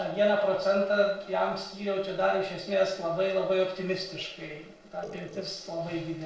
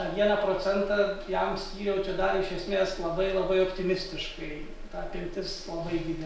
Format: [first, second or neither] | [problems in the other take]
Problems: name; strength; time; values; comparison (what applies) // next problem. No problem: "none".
second | noise reduction (neural separator model SepFormer DNS4)